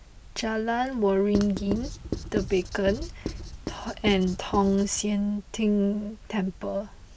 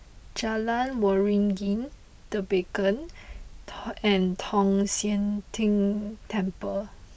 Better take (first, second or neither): second